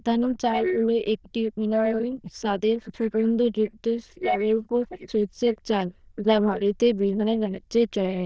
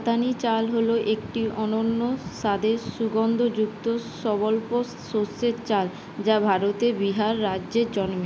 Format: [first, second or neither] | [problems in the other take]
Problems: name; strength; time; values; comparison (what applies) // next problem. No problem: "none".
second | noise reduction (neural diffusion model UNIVERSE++)